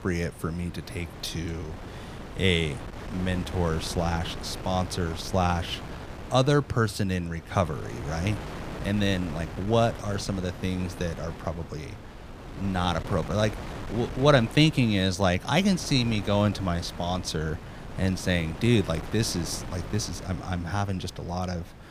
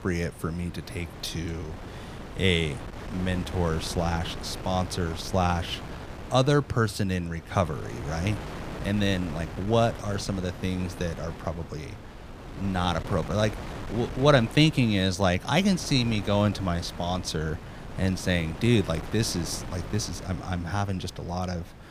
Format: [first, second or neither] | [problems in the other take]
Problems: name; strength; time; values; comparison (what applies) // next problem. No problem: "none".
neither | wind noise on the microphone; occasional gusts; 15 dB below the speech; the same in both